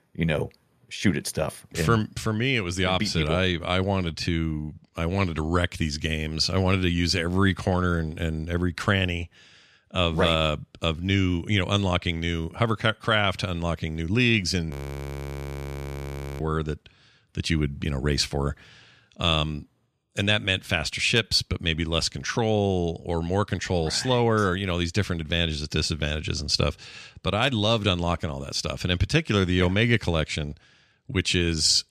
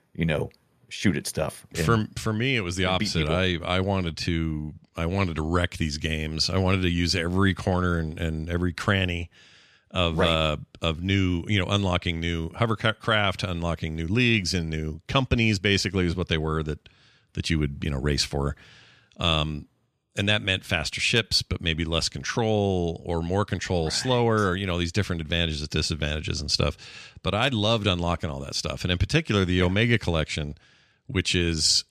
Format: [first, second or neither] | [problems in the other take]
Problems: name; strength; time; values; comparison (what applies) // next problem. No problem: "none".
second | audio freezing; at 15 s for 1.5 s